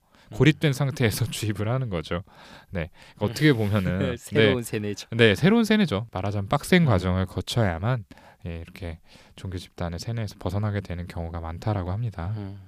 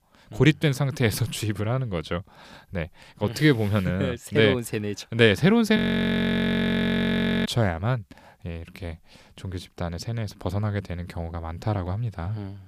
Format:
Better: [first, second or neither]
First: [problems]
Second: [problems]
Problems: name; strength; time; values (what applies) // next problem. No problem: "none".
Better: first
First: none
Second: audio freezing; at 6 s for 1.5 s